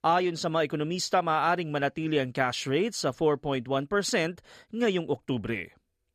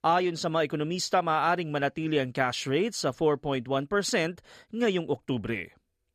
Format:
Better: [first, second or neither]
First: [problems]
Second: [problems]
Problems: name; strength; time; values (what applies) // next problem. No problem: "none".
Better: neither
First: none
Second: none